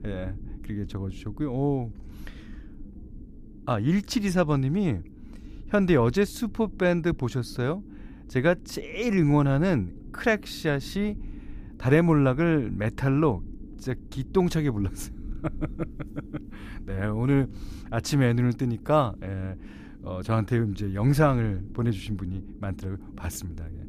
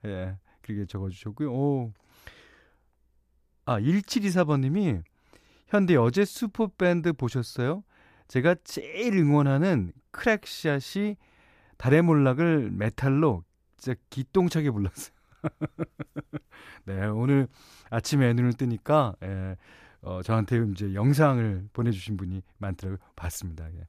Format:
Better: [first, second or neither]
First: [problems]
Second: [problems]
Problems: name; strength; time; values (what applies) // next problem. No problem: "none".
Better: second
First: low rumble; faint; throughout; 25 dB below the speech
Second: none